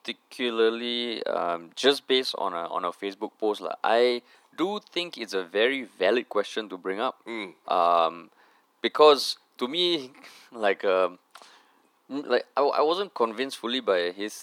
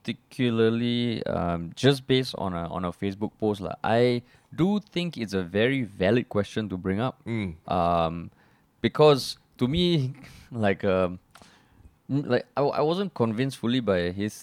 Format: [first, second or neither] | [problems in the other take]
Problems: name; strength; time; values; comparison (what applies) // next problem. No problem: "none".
second | thin; somewhat; fading below 300 Hz